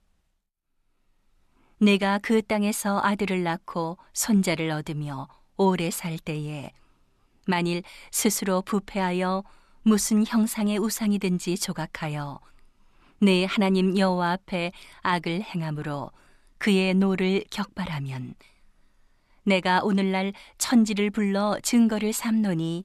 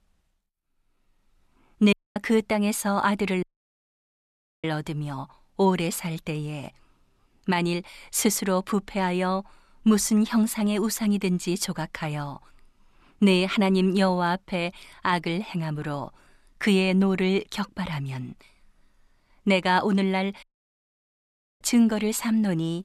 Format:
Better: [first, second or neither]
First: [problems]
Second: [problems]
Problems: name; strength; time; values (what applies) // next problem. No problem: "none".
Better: first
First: none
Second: audio cutting out; at 2 s, at 3.5 s for 1 s and at 20 s for 1 s